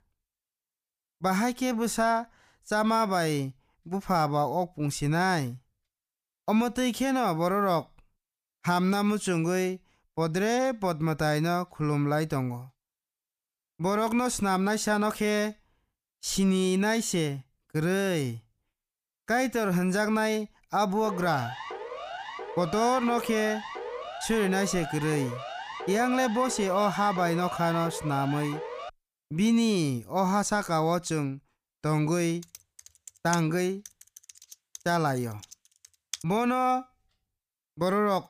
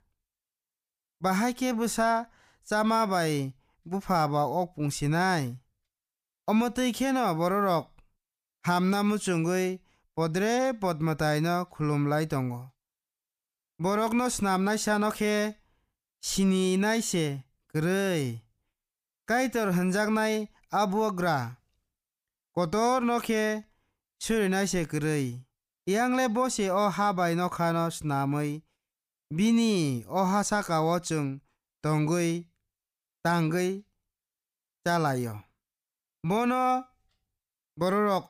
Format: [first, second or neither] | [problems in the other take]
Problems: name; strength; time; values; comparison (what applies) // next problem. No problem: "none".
second | siren; noticeable; from 21 to 29 s; peak 9 dB below the speech // keyboard typing; faint; from 32 to 36 s; peak 10 dB below the speech